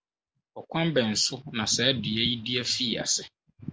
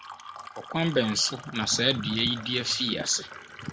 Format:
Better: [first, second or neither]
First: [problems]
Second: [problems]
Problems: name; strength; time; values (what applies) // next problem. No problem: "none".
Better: first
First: none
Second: background sound (Fill (with liquid)); 15 dB below the speech